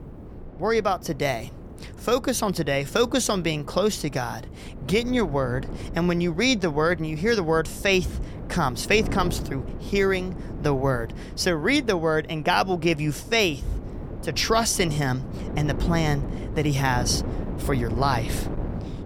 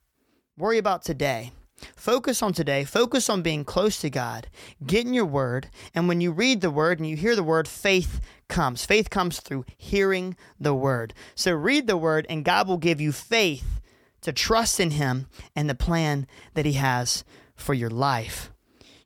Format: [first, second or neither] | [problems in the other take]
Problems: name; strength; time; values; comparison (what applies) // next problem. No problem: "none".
second | wind noise on the microphone; occasional gusts; 15 dB below the speech